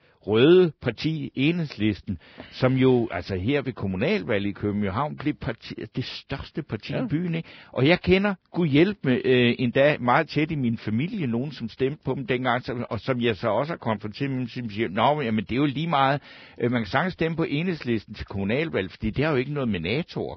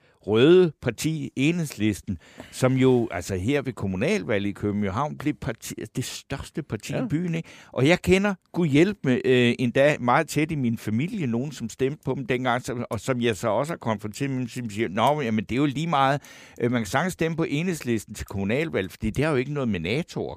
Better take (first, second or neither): second